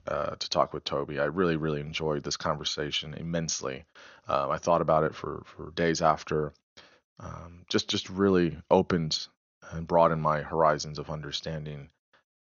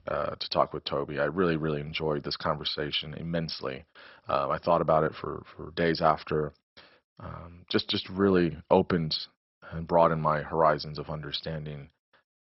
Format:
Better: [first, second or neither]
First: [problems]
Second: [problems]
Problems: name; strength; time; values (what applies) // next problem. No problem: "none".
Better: first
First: garbled, watery; slightly; nothing above 6.5 kHz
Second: garbled, watery; badly; nothing above 5.5 kHz